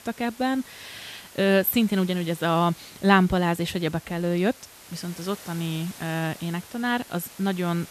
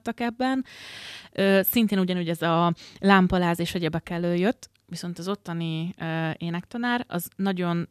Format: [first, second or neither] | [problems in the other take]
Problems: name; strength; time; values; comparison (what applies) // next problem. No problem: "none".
second | hiss; noticeable; throughout; 20 dB below the speech